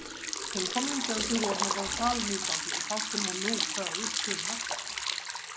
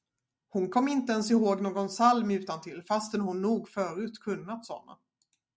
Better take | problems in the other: second | background sound (Liquid); 3 dB above the speech

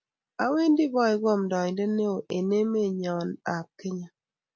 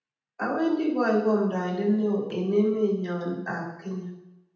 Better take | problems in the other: first | room echo; dies away in 0.9 s

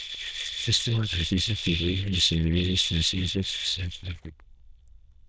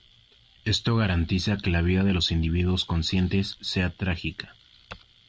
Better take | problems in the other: second | noise reduction (neural diffusion model UNIVERSE++)

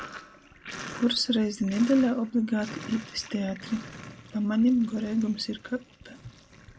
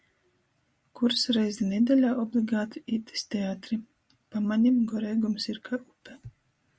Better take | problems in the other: second | background sound (Sink (filling or washing)); 16 dB below the speech

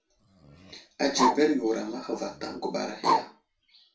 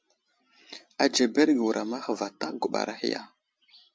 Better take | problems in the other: second | background sound (Bark); 2 dB below the speech // room echo; dies away in 0.3 s

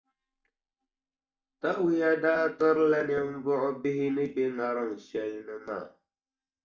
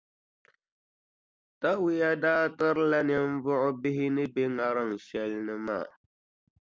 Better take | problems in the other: second | noise reduction (neural mask model DeepFilterNet 3)

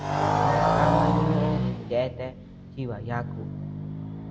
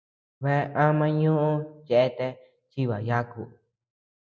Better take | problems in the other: second | background sound (Motorcycle); 5 dB above the speech

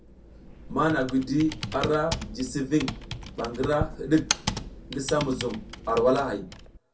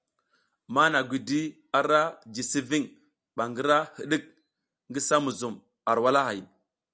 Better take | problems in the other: second | background sound (Computer keyboard); 8 dB below the speech // room echo; dies away in 0.3 s

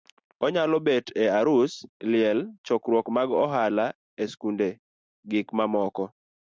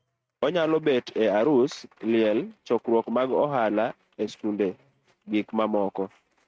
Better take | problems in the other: first | noise reduction (neural mask model RNNoise)

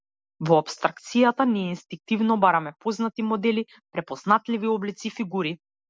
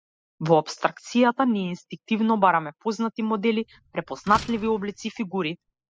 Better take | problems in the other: first | noise reduction (classical method spectral subtraction)

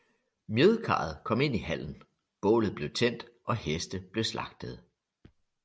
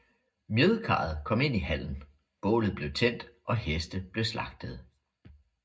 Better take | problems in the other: first | room echo; dies away in 0.3 s

